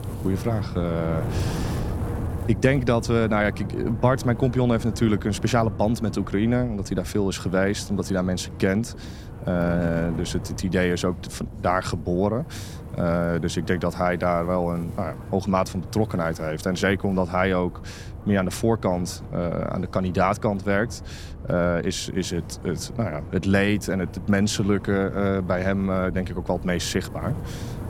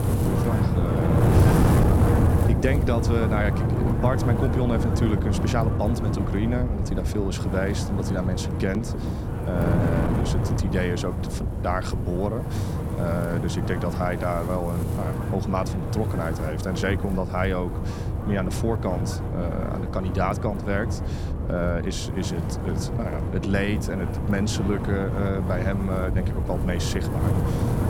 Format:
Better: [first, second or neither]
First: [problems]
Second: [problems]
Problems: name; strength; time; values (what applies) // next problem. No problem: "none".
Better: first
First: wind noise on the microphone; occasional gusts; 15 dB below the speech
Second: wind noise on the microphone; heavy; 2 dB below the speech